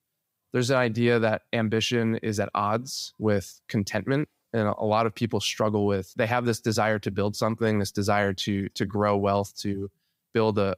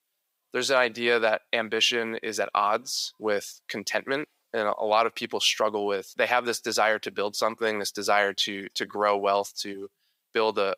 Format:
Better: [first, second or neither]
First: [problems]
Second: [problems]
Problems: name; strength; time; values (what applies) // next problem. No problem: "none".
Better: first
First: none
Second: thin; somewhat; fading below 500 Hz